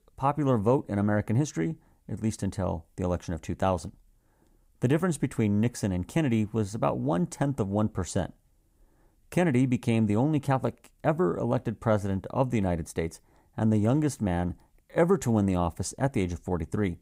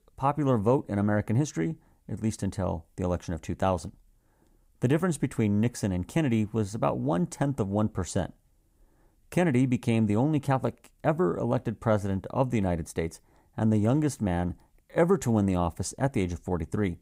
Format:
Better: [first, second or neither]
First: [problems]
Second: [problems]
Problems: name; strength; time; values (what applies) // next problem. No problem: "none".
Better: neither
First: none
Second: none